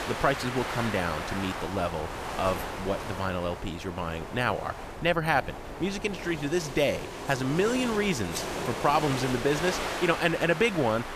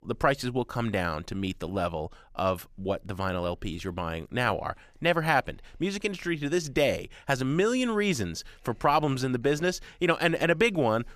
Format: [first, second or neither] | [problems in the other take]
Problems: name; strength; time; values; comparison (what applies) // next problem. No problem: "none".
second | wind noise on the microphone; heavy; 6 dB below the speech